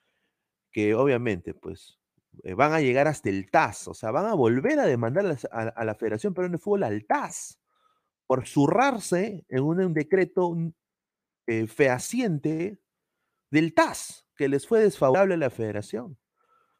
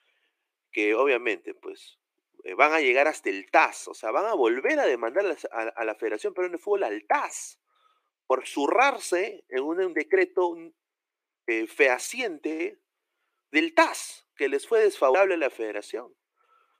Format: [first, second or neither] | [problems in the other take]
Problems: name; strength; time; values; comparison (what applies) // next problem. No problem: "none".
first | thin; somewhat; fading below 350 Hz